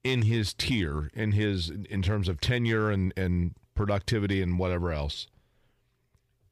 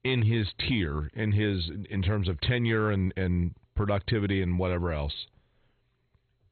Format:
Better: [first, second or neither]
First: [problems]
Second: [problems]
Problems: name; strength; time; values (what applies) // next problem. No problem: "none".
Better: first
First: none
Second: garbled, watery; badly; nothing above 4 kHz